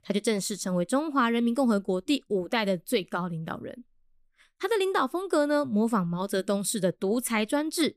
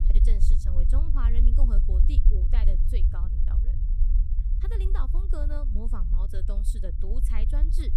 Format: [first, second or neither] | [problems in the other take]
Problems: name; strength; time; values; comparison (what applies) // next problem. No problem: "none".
first | low rumble; loud; throughout; 4 dB below the speech